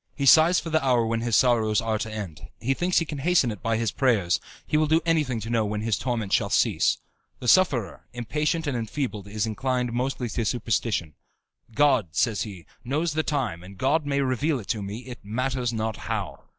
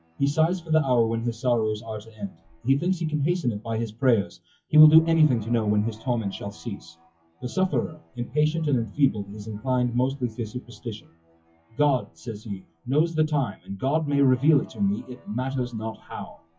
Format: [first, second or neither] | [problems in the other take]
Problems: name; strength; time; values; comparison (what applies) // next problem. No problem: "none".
first | noise reduction (classical method WPE with log-MMSE)